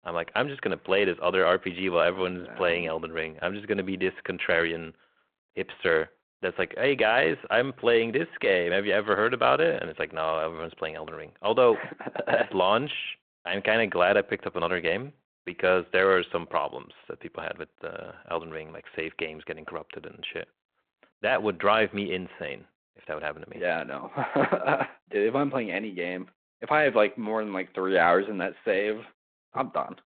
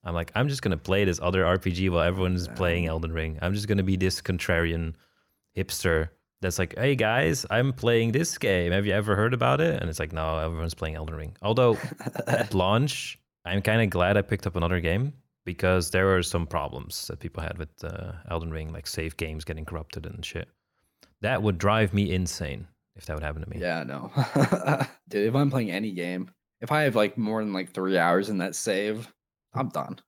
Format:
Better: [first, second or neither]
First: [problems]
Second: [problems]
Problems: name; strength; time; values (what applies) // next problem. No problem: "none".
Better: second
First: phone-call audio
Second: none